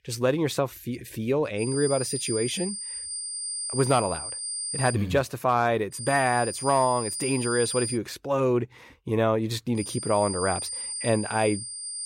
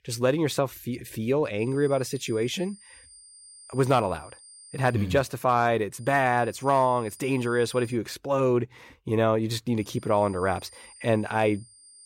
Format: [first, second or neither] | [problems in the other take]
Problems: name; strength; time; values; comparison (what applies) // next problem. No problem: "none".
second | high-pitched whine; loud; from 1.5 to 5 s, from 6 to 8 s and from 10 s on; 9 kHz, 5 dB below the speech; faint in the second